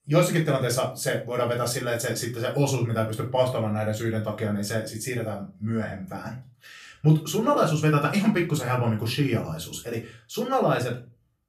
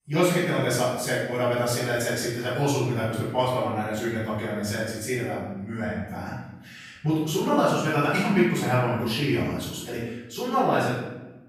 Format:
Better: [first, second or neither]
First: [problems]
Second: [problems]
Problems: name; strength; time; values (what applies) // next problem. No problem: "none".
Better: first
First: room echo; slight; dies away in 0.3 s // off-mic speech; somewhat distant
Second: room echo; strong; dies away in 0.8 s // off-mic speech; far